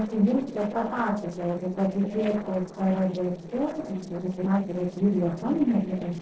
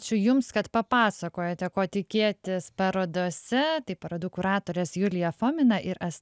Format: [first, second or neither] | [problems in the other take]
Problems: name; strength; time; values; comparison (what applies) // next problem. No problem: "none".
second | noise reduction (neural separator model SepFormer DNS4)